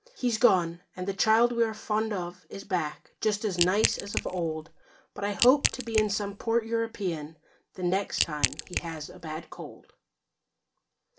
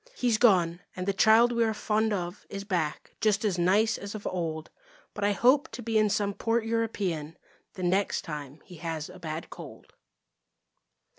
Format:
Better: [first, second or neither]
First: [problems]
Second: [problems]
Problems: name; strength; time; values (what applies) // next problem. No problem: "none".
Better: second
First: background sound (Crack / Crushing); 4 dB below the speech // room echo; dies away in 0.2 s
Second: none